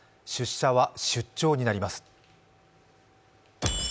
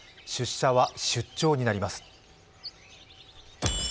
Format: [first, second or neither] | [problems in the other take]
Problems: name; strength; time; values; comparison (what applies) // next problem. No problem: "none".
first | background sound (Bird); 20 dB below the speech